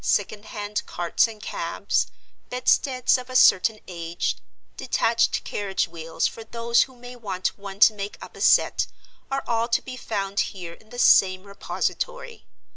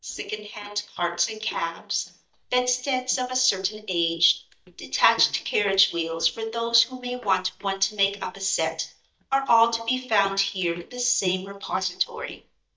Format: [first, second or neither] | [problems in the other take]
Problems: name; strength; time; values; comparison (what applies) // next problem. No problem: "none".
first | noise reduction (neural mask model DeepFilterNet 3)